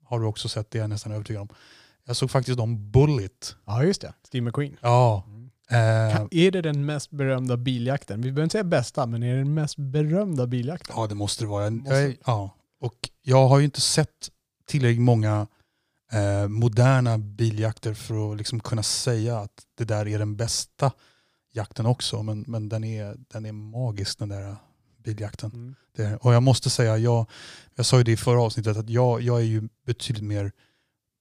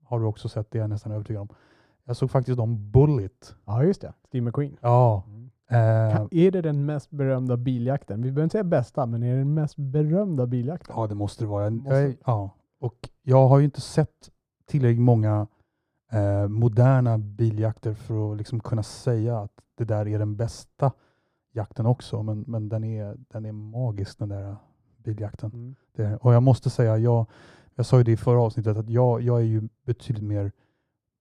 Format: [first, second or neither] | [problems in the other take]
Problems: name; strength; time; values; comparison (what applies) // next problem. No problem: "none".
first | muffled; very; fading above 1.5 kHz